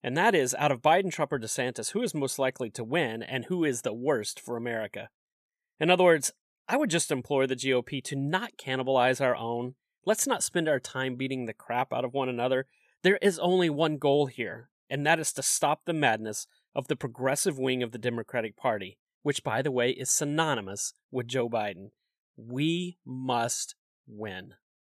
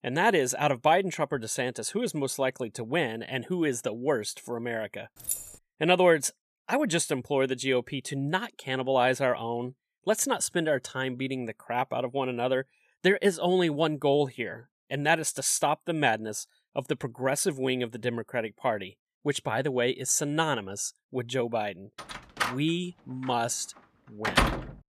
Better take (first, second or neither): first